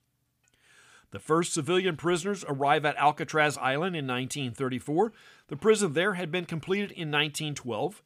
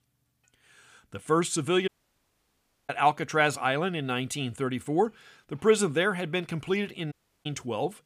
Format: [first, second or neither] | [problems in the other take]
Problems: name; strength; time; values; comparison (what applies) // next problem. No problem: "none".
first | audio cutting out; at 2 s for 1 s and at 7 s